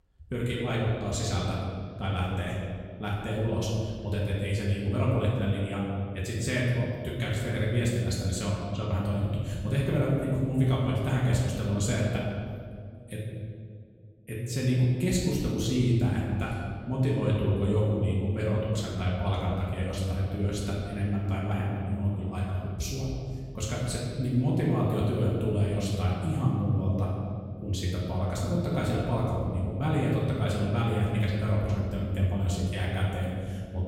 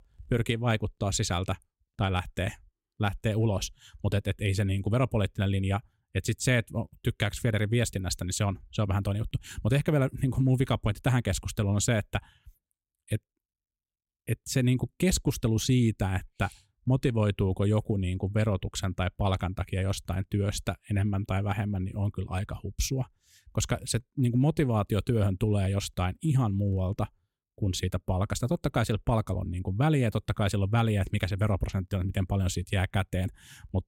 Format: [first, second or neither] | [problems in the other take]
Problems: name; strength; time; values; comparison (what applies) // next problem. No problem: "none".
second | off-mic speech; far // room echo; noticeable; dies away in 1.9 s